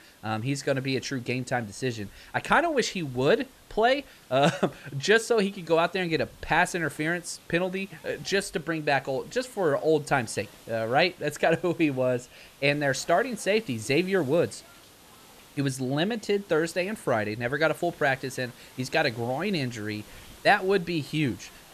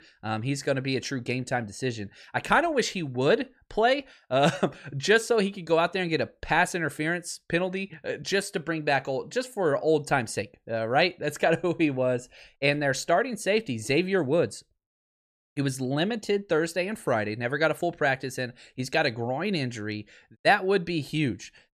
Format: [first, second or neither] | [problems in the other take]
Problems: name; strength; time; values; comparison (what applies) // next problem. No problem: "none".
second | hiss; faint; throughout; 25 dB below the speech